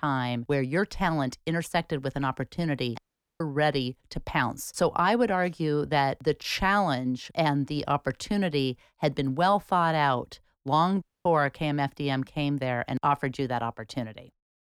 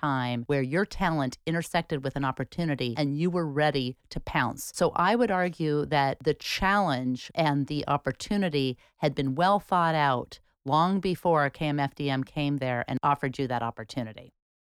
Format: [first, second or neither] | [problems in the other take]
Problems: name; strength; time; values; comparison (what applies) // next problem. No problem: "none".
second | audio cutting out; at 3 s and at 11 s